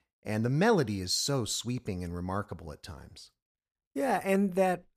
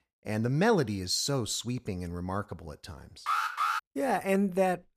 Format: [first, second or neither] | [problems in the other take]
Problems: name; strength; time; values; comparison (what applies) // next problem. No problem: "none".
first | alarm; loud; at 3.5 s; peak 1 dB above the speech